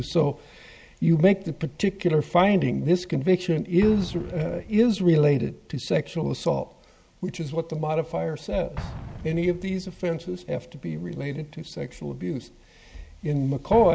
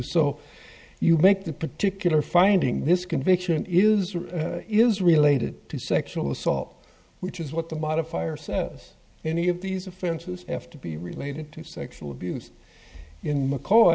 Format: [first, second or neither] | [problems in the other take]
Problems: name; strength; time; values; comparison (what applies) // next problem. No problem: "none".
second | background sound (Explosion); 18 dB below the speech